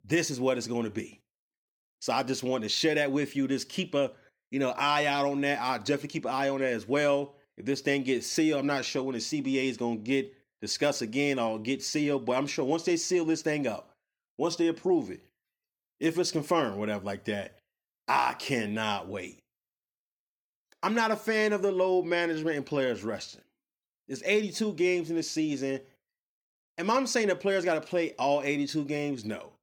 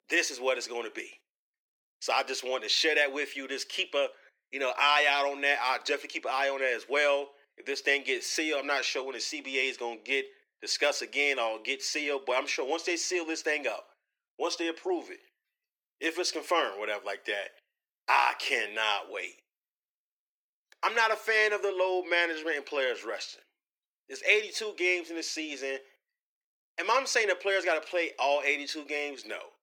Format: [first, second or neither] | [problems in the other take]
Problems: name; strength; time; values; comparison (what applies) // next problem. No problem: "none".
first | thin; very; fading below 400 Hz